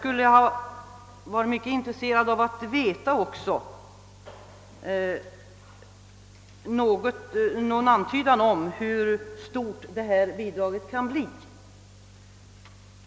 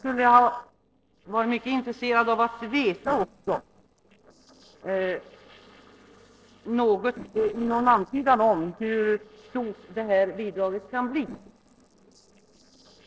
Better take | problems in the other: first | noise reduction (neural separator model SepFormer DNS4)

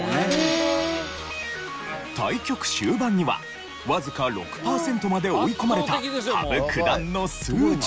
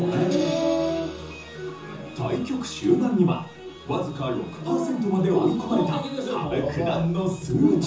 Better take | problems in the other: first | room echo; dies away in 0.6 s

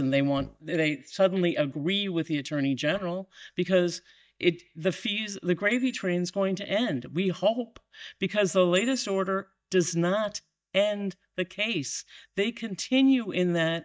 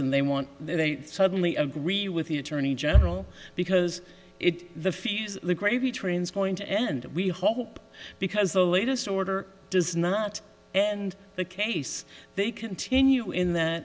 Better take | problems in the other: second | noise reduction (neural mask model DeepFilterNet 3)

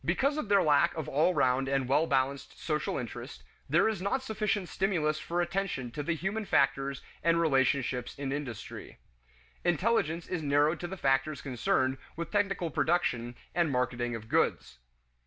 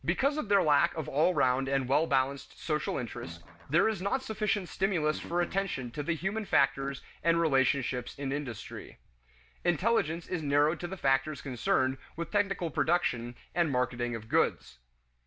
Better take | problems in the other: first | background sound (Guitar); 19 dB below the speech

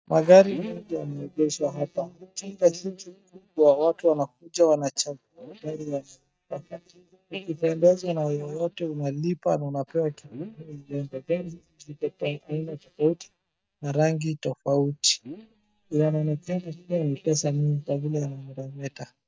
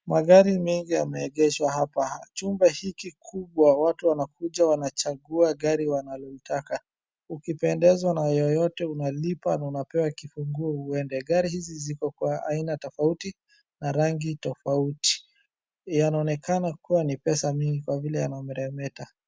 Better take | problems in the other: second | noise reduction (neural mask model DeepFilterNet 3)

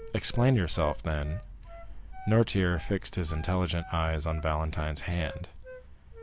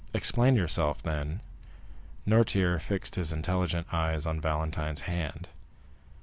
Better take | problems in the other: second | background sound (Wind instrument, woodwind instrument); 19 dB below the speech

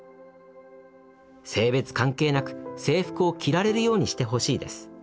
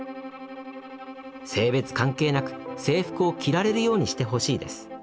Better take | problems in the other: first | background sound (Bowed string instrument); 13 dB below the speech

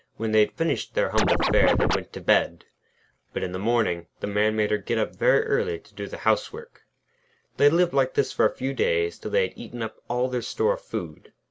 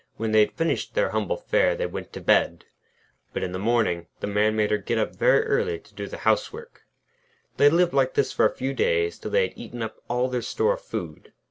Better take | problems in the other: second | background sound (Scratching (performance technique)); 3 dB above the speech

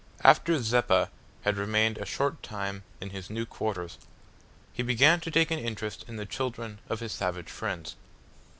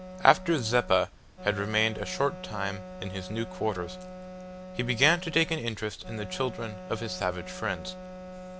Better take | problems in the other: first | background sound (Wind instrument, woodwind instrument); 13 dB below the speech

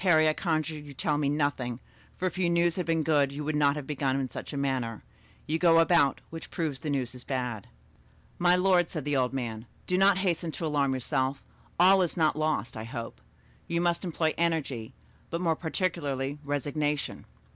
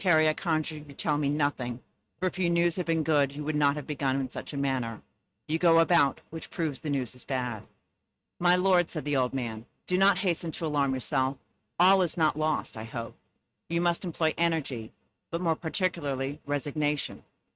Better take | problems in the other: first | noise reduction (neural mask model RNNoise)

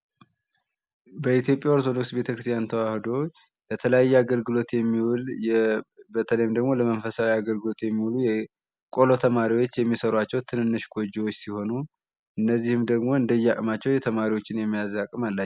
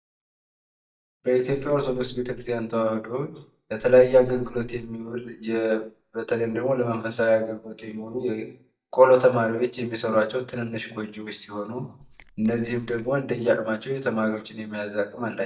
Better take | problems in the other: first | noise reduction (neural mask model DeepFilterNet 3)

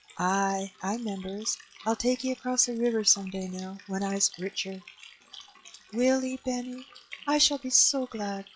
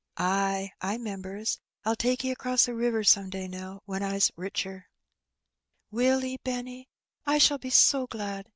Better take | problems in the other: second | noise reduction (classical method log-MMSE)

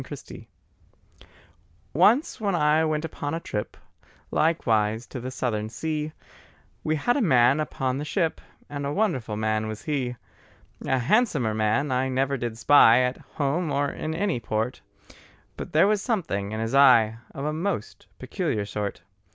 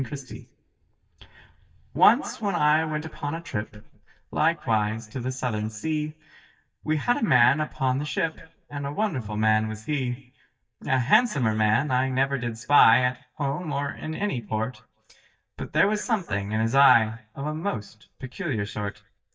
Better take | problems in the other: first | noise reduction (neural mask model DeepFilterNet 3)

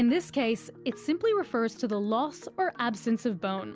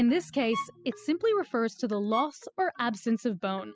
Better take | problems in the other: first | noise reduction (classical method spectral subtraction)

